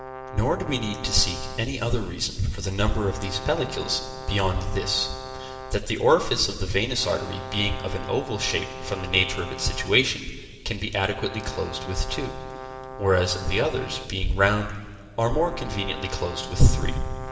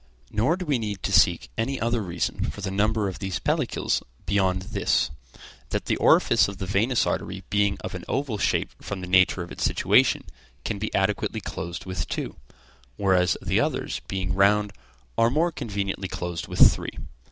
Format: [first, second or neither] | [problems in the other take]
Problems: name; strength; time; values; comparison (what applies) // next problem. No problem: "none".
second | background sound (Brass instrument); 13 dB below the speech // room echo; dies away in 2.8 s